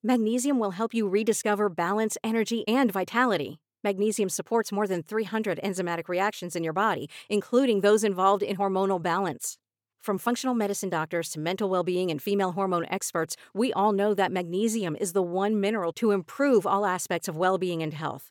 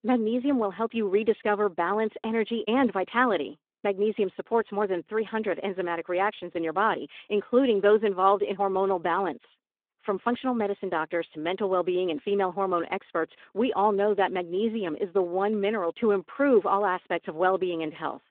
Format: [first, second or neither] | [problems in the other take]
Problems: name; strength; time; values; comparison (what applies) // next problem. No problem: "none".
first | phone-call audio